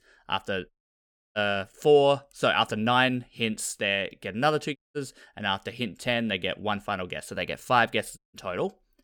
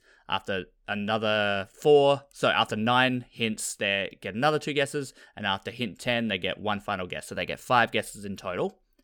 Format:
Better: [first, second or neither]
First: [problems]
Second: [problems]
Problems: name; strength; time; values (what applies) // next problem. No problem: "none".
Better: second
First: audio cutting out; at 0.5 s for 0.5 s, at 5 s and at 8 s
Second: none